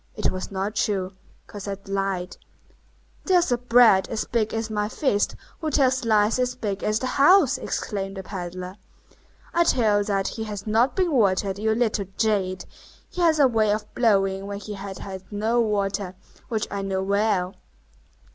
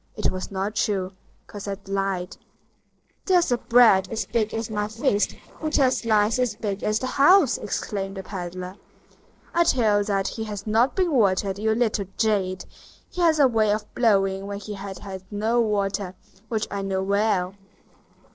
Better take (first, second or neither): first